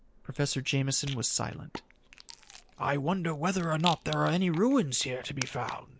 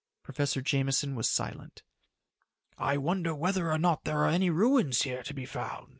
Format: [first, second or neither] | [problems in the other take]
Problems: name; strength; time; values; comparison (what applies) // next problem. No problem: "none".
second | background sound (Rattle); 14 dB below the speech